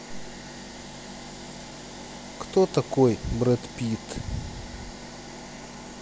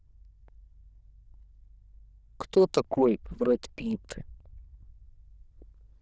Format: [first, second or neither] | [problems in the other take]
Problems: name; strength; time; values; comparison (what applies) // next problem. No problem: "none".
first | noise reduction (neural diffusion model UNIVERSE++)